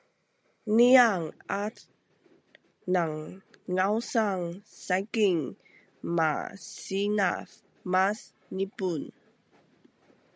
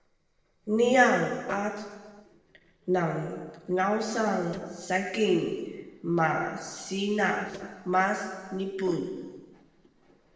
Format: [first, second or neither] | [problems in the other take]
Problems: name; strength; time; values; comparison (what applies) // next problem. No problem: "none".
first | noise reduction (neural separator model SepFormer DNS4)